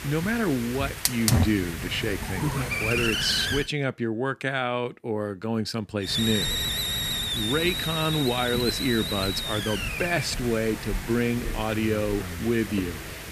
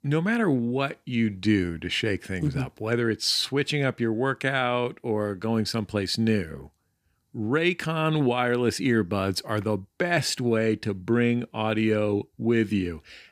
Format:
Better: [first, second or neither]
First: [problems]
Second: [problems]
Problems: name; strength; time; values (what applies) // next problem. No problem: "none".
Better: second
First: hiss; loud; until 3.5 s and from 6 s on; 1 dB below the speech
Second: none